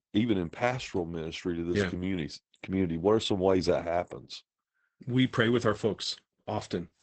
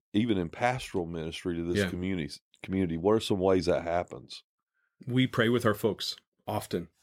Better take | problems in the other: second | garbled, watery; badly; nothing above 8 kHz

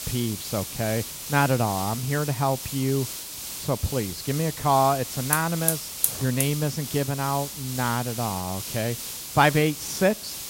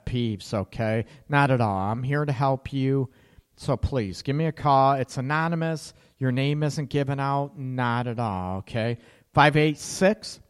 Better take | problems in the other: second | hiss; loud; throughout; 5 dB below the speech

